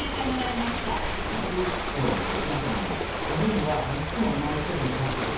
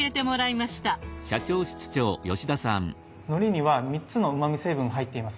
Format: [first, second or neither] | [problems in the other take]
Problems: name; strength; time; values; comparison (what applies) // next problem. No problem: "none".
second | background sound (Ocean); as loud as the speech // room echo; dies away in 1.3 s